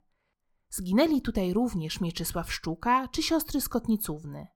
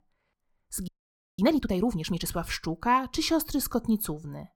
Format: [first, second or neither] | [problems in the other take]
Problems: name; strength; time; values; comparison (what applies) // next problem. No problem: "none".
first | audio freezing; at 1 s